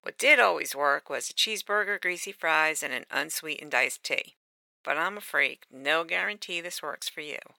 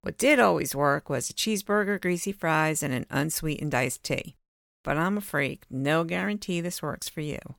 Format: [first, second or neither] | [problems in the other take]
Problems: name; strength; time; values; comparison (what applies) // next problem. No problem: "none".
second | thin; very; fading below 550 Hz